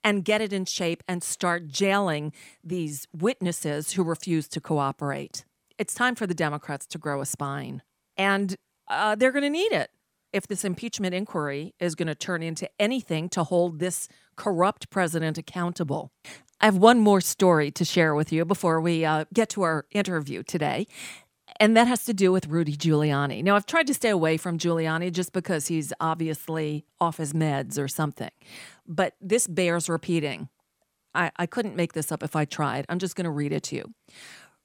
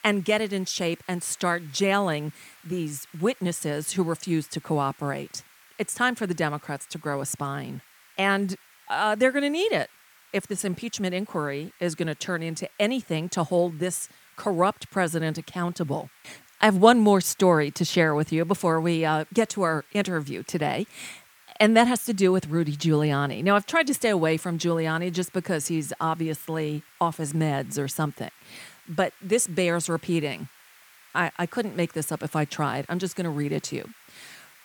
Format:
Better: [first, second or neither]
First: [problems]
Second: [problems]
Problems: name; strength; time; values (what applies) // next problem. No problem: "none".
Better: first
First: none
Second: hiss; faint; throughout; 25 dB below the speech